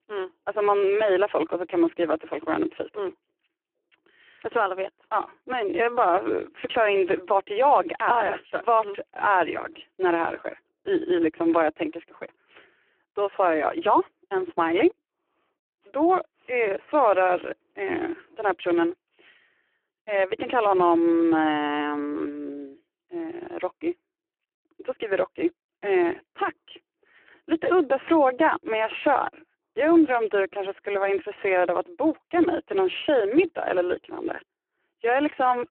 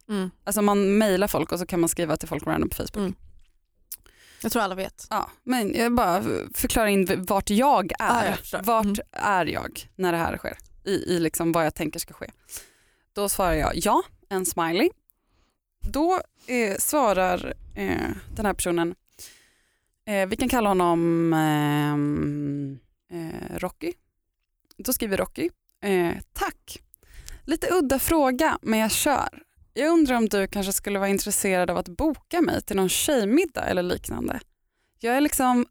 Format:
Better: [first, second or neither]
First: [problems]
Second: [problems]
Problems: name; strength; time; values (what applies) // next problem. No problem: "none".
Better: second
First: phone-call audio; poor line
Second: none